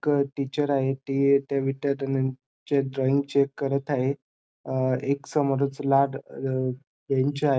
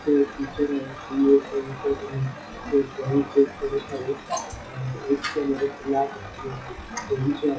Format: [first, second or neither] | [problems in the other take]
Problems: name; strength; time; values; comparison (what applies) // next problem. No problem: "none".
first | noise reduction (classical method WPE with log-MMSE)